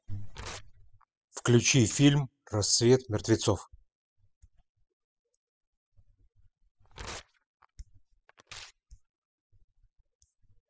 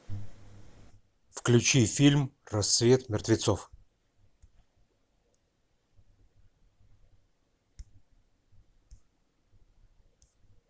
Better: second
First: noise reduction (classical method spectral subtraction)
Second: none

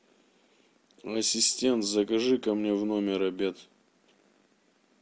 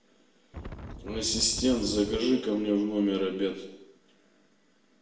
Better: first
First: none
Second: background sound (Wind); 10 dB below the speech // room echo; dies away in 0.8 s

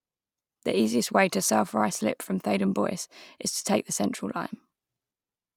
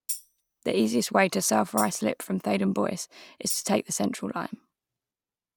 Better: first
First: none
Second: background sound (Tambourine); 12 dB below the speech

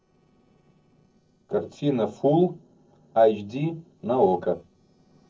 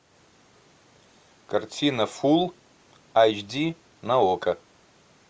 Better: second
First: noise reduction (neural separator model SepFormer DNS4)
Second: none

